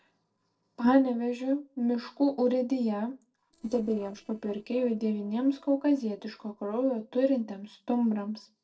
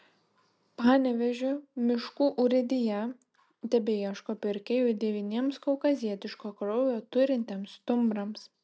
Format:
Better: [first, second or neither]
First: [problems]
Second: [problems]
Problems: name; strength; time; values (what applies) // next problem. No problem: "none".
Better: second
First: noise reduction (neural separator model SepFormer DNS4)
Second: none